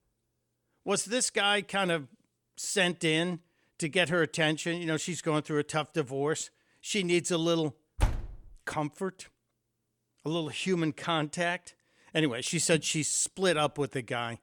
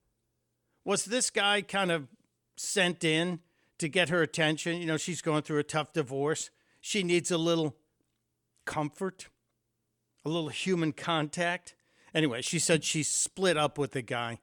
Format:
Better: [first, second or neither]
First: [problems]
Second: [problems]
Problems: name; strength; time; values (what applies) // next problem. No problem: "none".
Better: second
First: door banging; noticeable; at 8 s; peak 3 dB below the speech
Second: none